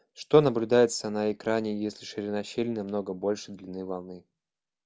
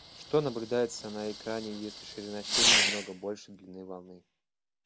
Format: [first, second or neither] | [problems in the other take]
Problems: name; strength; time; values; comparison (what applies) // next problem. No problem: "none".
first | background sound (Fireworks); 3 dB above the speech